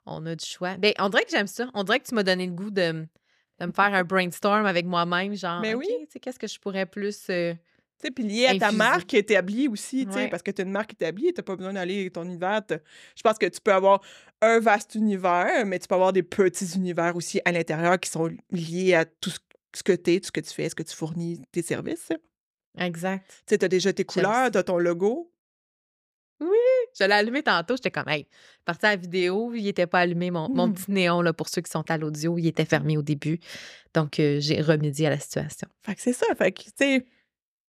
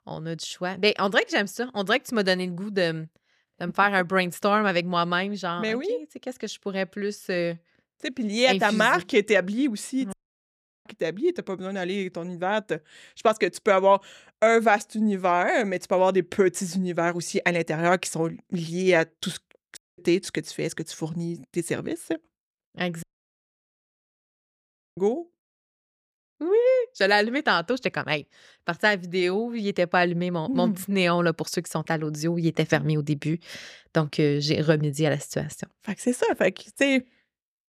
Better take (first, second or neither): first